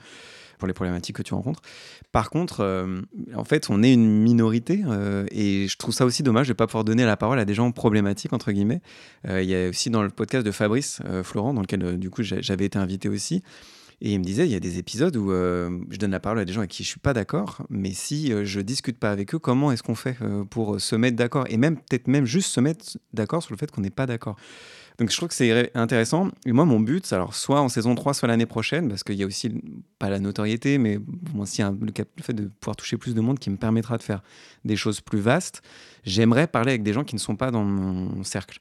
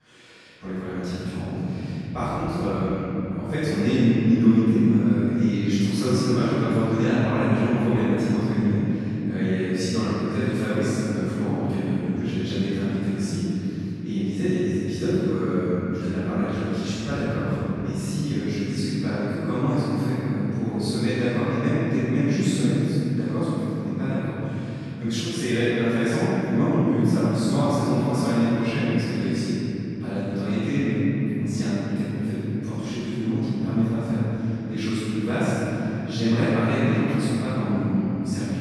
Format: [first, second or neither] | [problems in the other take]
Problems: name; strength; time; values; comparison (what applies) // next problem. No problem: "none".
first | off-mic speech; far // room echo; strong; dies away in 3 s